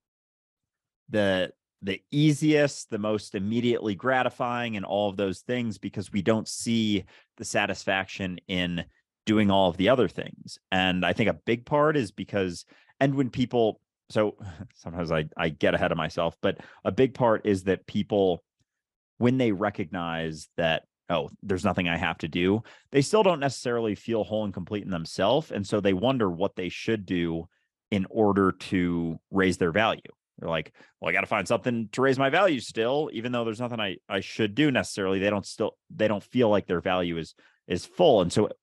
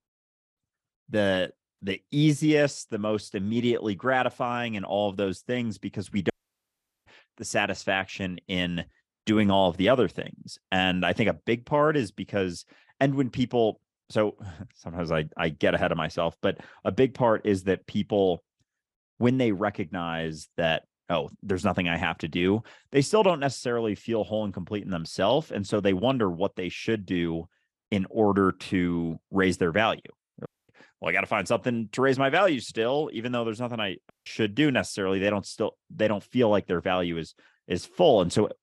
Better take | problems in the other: first | audio cutting out; at 6.5 s for 1 s, at 30 s and at 34 s

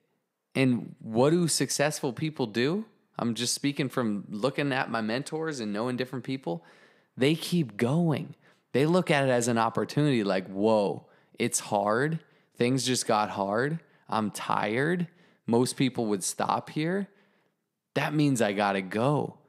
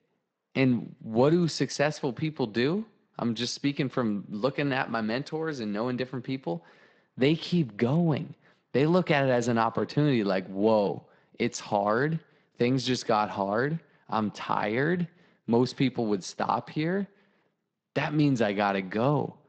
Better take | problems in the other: first | garbled, watery; slightly; nothing above 7.5 kHz

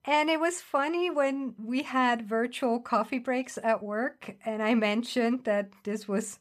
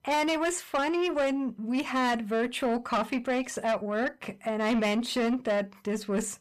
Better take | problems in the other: first | distortion; slight; 10 dB below the speech

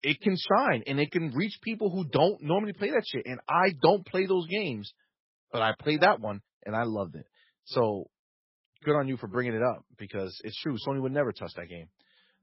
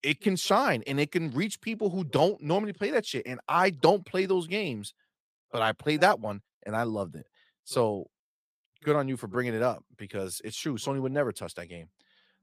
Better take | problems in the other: second | garbled, watery; badly; nothing above 5.5 kHz

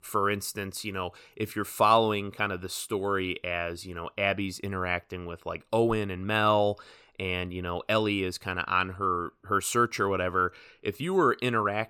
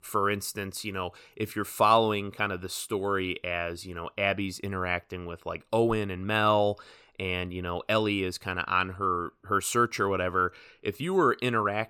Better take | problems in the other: neither | none

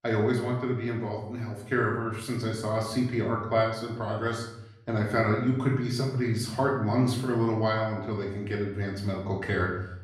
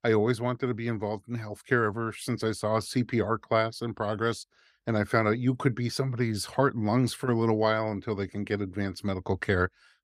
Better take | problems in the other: second | room echo; noticeable; dies away in 0.7 s // off-mic speech; far

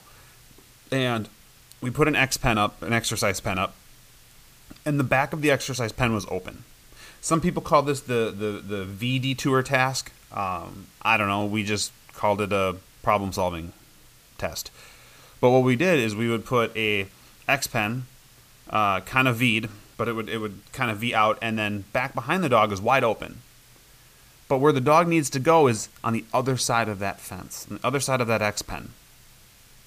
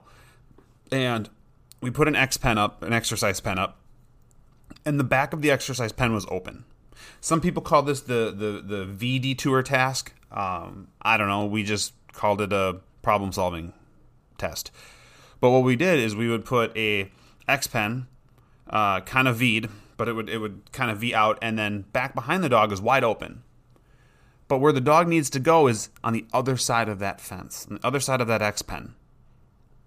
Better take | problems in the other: second | hiss; faint; throughout; 30 dB below the speech

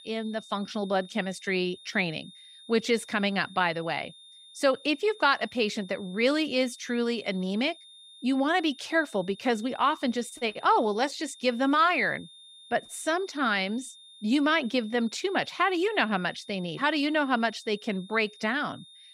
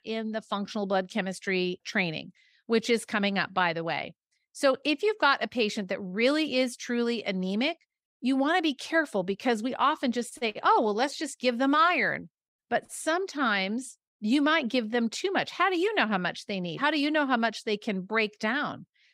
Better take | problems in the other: second | high-pitched whine; faint; throughout; 3.5 kHz, 20 dB below the speech

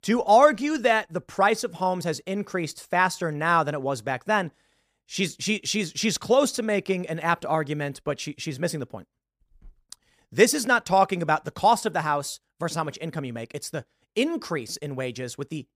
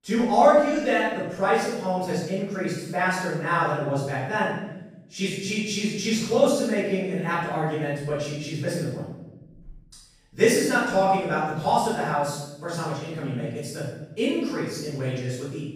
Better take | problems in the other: first | off-mic speech; far // room echo; strong; dies away in 1 s

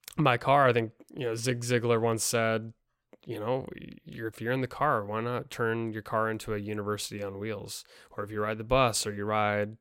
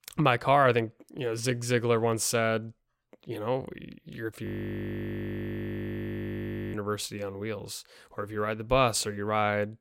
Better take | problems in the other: first | audio freezing; at 4.5 s for 2.5 s

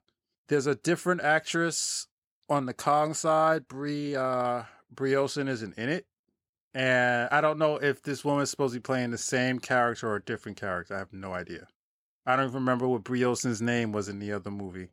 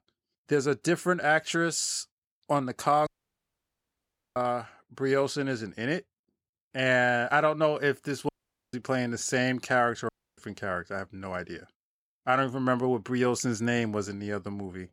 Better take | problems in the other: first | audio cutting out; at 3 s for 1.5 s, at 8.5 s and at 10 s

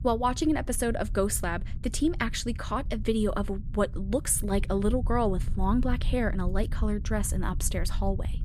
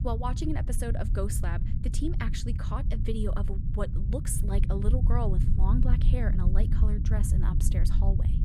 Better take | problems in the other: first | low rumble; loud; throughout; 5 dB below the speech; faint in the first

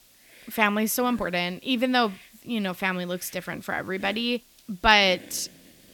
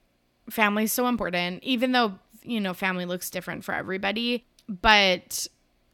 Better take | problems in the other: second | hiss; faint; throughout; 25 dB below the speech

